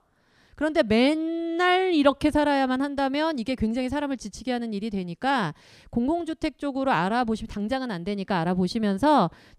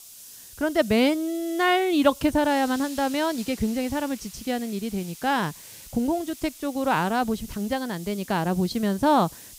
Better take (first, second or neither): first